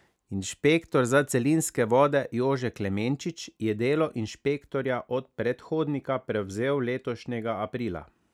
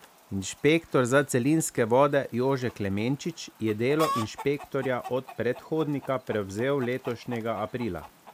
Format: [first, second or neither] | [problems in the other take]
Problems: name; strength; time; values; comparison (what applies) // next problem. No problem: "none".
first | background sound (Chicken, rooster); 15 dB below the speech